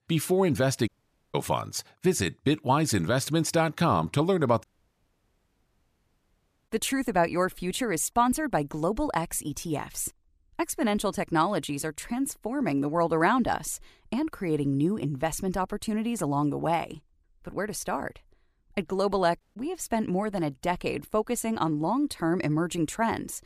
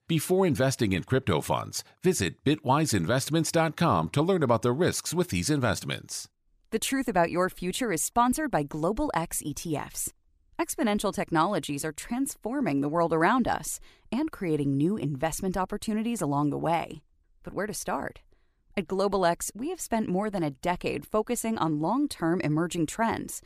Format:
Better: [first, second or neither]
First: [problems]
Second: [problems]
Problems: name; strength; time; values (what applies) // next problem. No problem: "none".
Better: second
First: audio cutting out; at 1 s, at 4.5 s for 2 s and at 19 s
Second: none